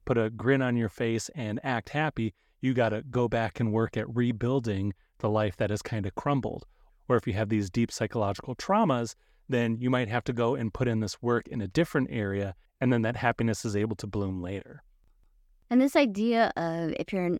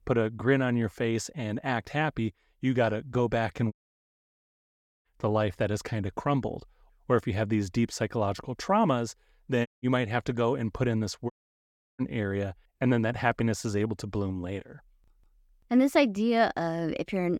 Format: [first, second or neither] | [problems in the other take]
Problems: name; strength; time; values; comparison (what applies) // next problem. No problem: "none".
first | audio cutting out; at 3.5 s for 1.5 s, at 9.5 s and at 11 s for 0.5 s